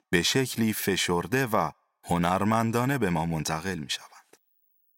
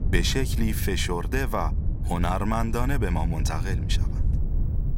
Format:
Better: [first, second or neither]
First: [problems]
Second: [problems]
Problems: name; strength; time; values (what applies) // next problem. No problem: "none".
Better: first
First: none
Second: wind noise on the microphone; occasional gusts; 15 dB below the speech